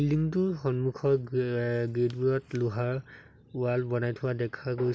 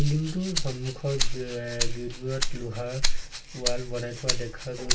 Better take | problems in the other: first | background sound (Rattle (instrument)); 5 dB above the speech // room echo; dies away in 0.2 s

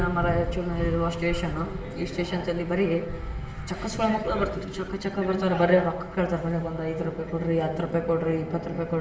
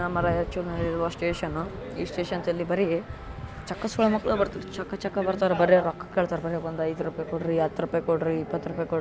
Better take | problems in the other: second | room echo; dies away in 0.8 s

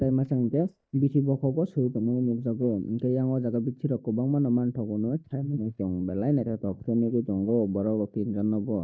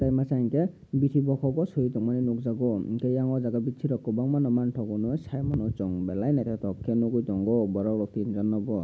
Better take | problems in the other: second | noise reduction (neural mask model DeepFilterNet 3)

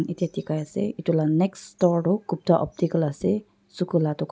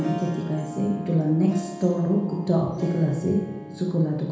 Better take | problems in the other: first | background sound (Harp); 14 dB below the speech // room echo; dies away in 1.1 s

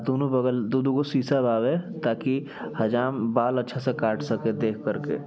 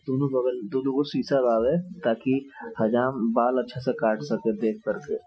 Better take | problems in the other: first | noise reduction (classical method Wiener filter)

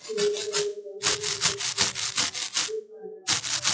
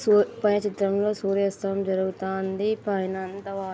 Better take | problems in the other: second | noise reduction (classical method WPE with log-MMSE)

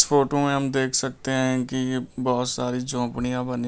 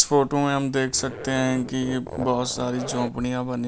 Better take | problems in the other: first | background sound (Zipper (clothing)); 13 dB below the speech

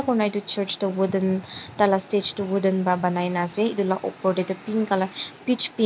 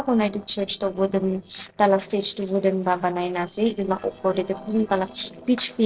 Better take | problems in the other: first | noise reduction (neural separator model SepFormer DNS4)

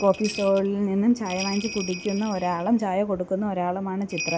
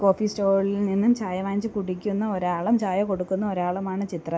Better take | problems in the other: second | background sound (Bell); 14 dB below the speech

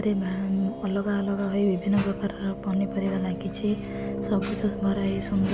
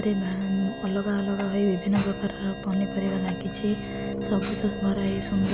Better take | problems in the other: first | background sound (Tap / Wood + Alarm); 17 dB below the speech

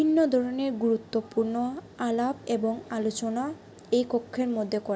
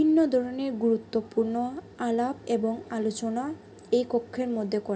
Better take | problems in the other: first | room echo; dies away in 0.3 s

